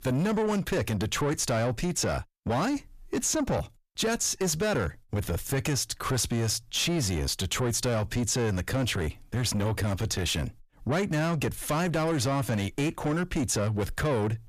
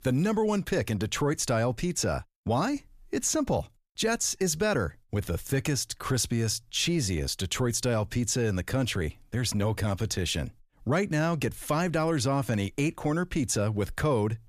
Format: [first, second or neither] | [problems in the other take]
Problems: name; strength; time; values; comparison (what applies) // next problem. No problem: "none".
second | distortion; slight; 10 dB below the speech